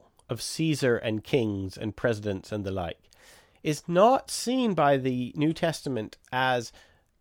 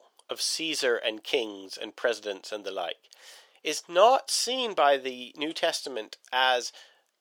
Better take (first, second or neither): first